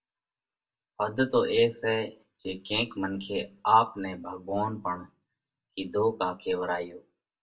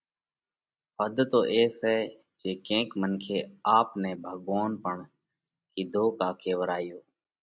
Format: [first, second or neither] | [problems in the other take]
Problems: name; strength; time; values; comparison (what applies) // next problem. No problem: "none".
second | room echo; dies away in 0.2 s